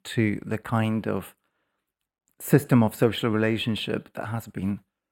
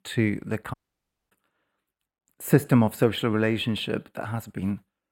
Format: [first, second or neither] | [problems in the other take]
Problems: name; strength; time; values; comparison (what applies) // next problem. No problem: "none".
first | audio cutting out; at 0.5 s for 0.5 s